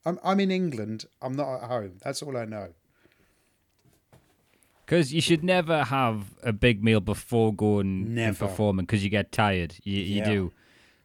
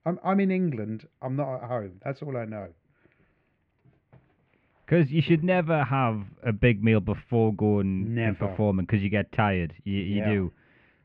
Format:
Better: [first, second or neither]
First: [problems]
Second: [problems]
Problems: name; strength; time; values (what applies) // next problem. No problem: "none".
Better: first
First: none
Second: muffled; very; fading above 2.5 kHz